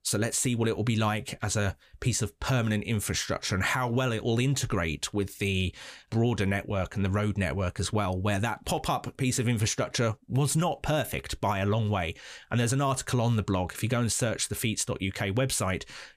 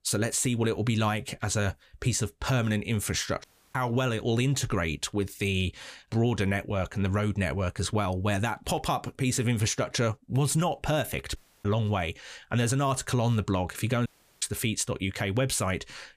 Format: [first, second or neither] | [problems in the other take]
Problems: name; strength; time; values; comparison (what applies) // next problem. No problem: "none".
first | audio cutting out; at 3.5 s, at 11 s and at 14 s